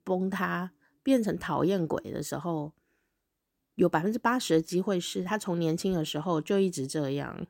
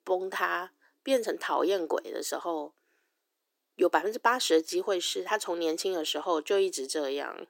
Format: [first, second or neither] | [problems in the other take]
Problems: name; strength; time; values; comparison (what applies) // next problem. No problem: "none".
first | thin; very; fading below 350 Hz